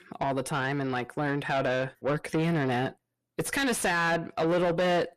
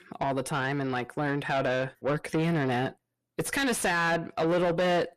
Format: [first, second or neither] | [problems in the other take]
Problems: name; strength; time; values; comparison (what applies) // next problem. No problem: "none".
neither | distortion; heavy; 6 dB below the speech; the same in both